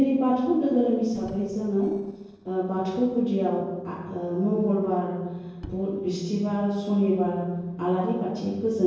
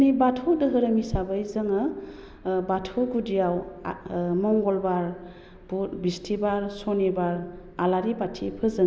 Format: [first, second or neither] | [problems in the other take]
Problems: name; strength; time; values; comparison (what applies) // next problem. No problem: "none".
second | noise reduction (neural separator model SepFormer DNS4)